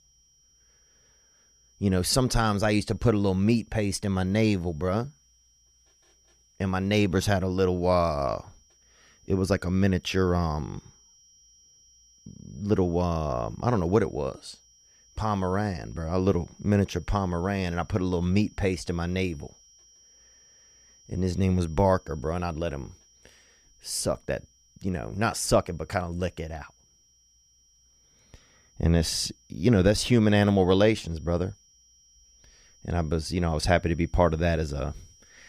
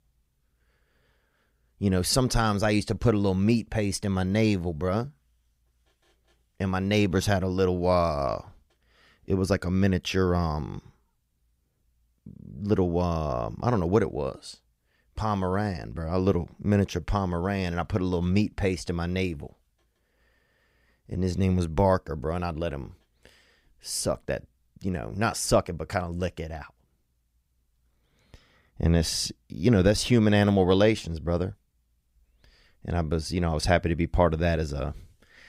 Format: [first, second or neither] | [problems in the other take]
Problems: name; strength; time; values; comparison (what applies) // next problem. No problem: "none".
second | high-pitched whine; faint; throughout; 5.5 kHz, 30 dB below the speech